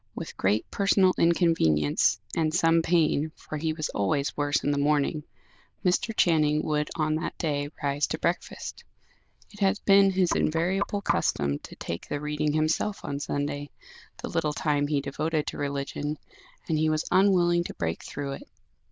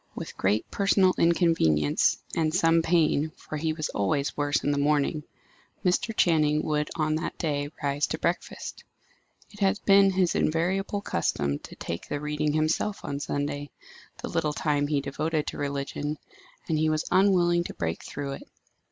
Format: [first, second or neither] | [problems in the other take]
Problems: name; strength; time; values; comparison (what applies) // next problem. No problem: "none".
second | noise reduction (neural diffusion model UNIVERSE++)